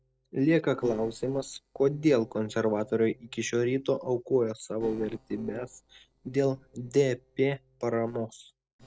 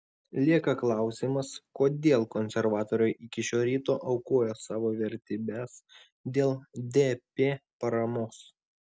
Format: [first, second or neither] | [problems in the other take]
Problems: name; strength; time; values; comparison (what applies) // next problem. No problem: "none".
second | noise reduction (neural separator model SepFormer DNS4)